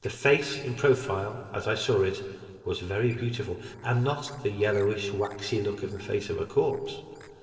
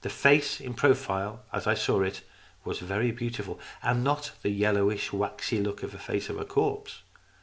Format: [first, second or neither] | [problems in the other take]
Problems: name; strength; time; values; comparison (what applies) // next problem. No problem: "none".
second | noise reduction (neural separator model SepFormer DNS4)